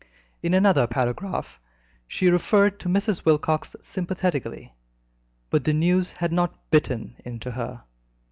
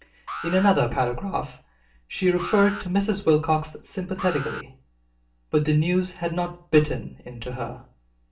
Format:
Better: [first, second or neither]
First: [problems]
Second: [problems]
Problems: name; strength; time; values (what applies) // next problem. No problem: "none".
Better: first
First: none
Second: background sound (Alarm); 14 dB below the speech // room echo; dies away in 0.3 s